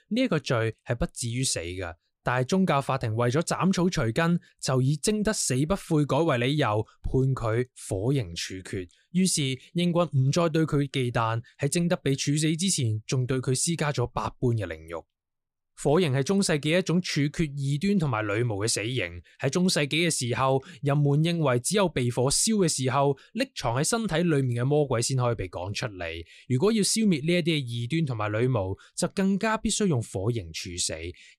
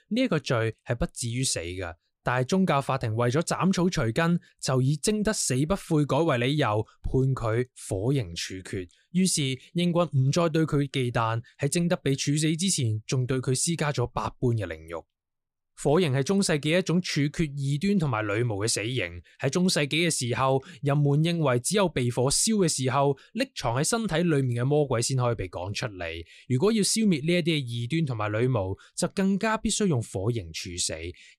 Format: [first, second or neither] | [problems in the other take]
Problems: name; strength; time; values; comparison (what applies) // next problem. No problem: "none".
neither | none